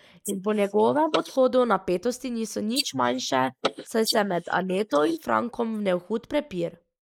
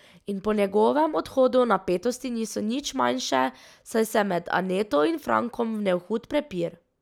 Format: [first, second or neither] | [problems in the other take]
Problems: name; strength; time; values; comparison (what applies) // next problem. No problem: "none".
second | noise reduction (neural mask model Resemble Enhance denoiser)